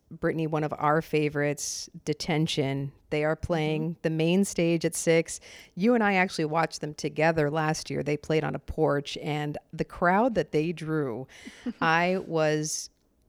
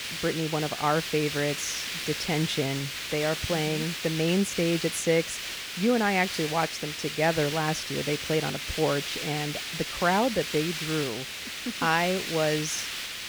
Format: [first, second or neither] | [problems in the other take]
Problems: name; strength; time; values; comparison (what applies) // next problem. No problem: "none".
first | hiss; loud; throughout; 4 dB below the speech